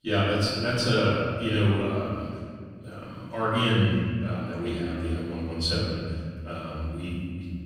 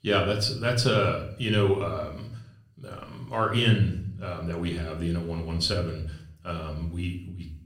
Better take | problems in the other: second | room echo; strong; dies away in 1.9 s; slight in the second // off-mic speech; far; somewhat distant in the second

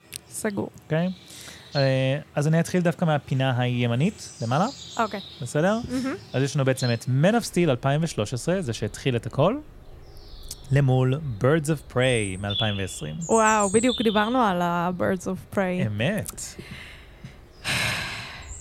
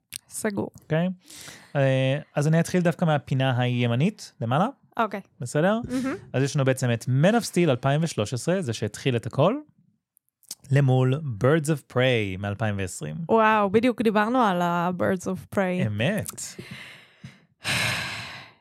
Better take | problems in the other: second | animal sounds; noticeable; throughout; 10 dB below the speech

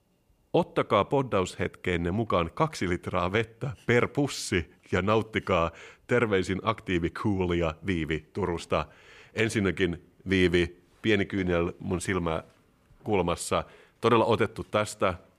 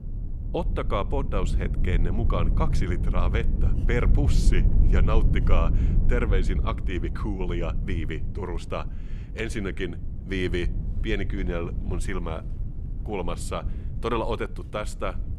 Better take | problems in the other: first | low rumble; noticeable; throughout; 10 dB below the speech

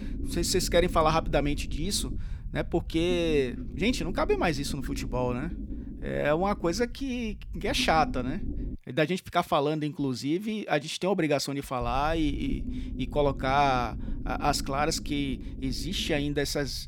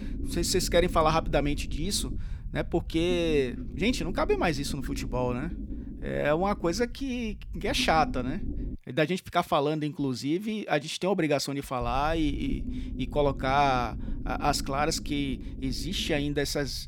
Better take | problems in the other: neither | low rumble; noticeable; until 9 s and from 12 s on; 15 dB below the speech; the same in both

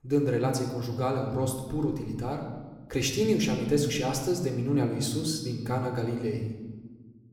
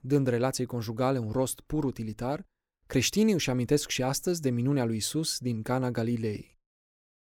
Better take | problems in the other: second | room echo; slight; dies away in 1.2 s

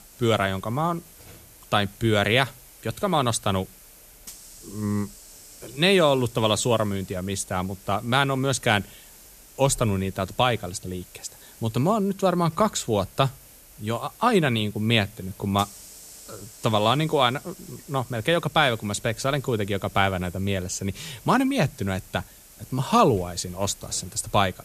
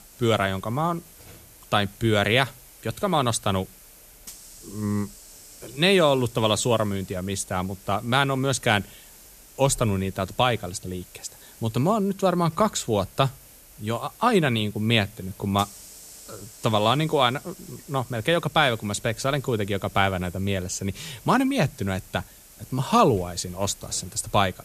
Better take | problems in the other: neither | hiss; faint; throughout; 20 dB below the speech; the same in both

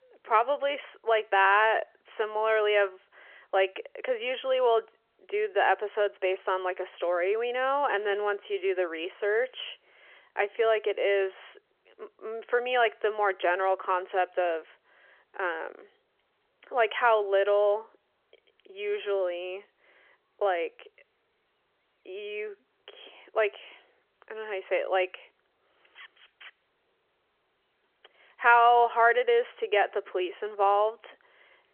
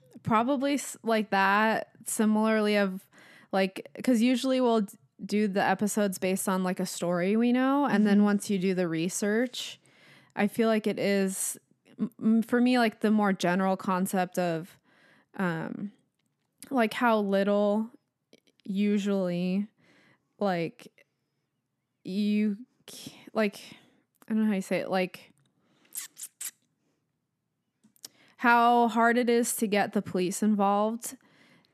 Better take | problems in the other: second | phone-call audio

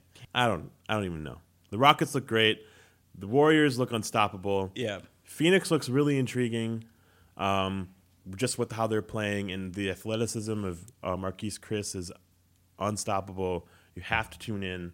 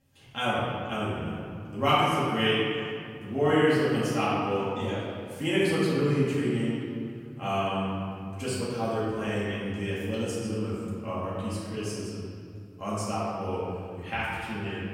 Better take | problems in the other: first | off-mic speech; far // room echo; strong; dies away in 2.4 s

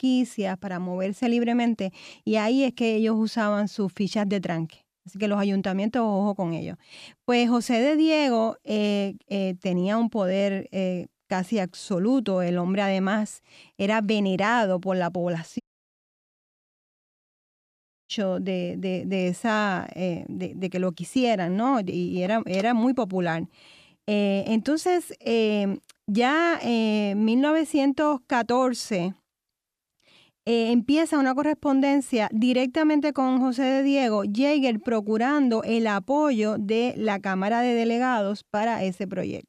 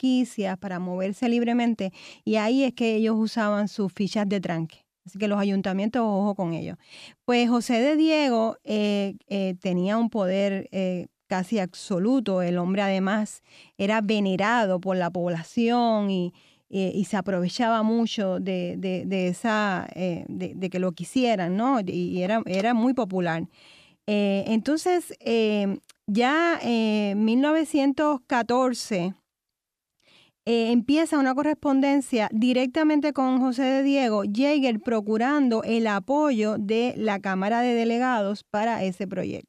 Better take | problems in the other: second | audio cutting out; at 16 s for 2.5 s

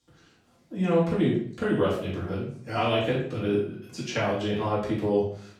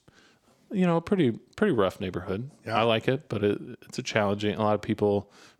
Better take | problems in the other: second | room echo; noticeable; dies away in 0.5 s // off-mic speech; far

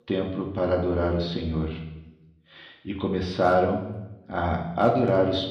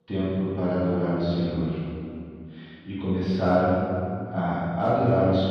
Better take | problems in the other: first | room echo; strong; dies away in 2.4 s; slight in the first // off-mic speech; far; somewhat distant in the first

